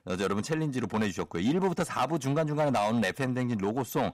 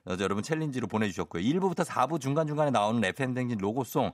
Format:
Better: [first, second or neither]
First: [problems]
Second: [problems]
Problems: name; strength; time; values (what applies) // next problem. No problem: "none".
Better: second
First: distortion; slight; 7% of the sound clipped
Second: none